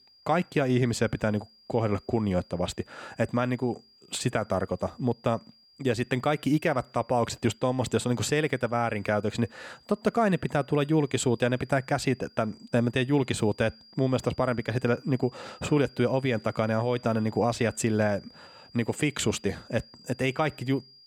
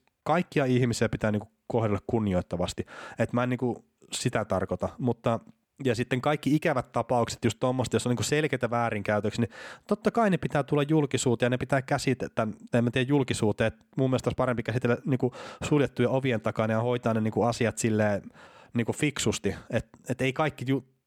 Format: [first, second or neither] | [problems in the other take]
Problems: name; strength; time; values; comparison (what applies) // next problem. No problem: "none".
second | high-pitched whine; faint; throughout; 5 kHz, 25 dB below the speech